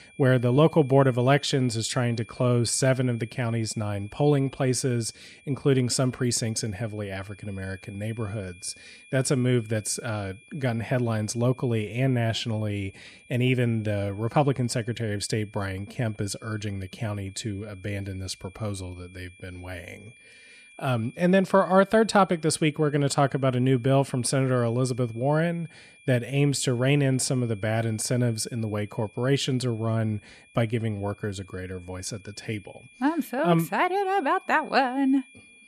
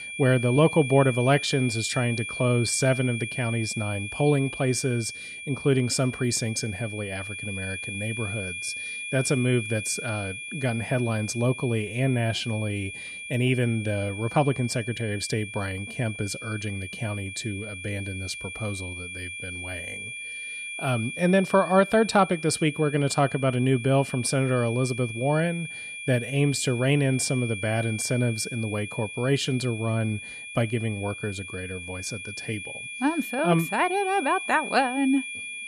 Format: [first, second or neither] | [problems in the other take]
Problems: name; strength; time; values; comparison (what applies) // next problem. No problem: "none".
first | high-pitched whine; loud; throughout; 2.5 kHz, 8 dB below the speech; faint in the first